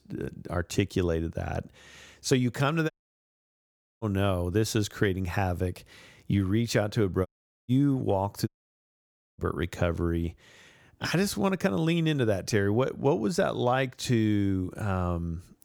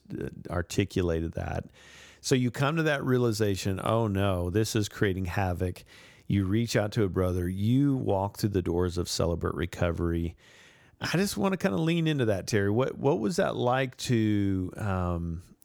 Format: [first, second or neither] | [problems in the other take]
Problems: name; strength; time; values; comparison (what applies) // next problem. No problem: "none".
second | audio cutting out; at 3 s for 1 s, at 7.5 s and at 8.5 s for 1 s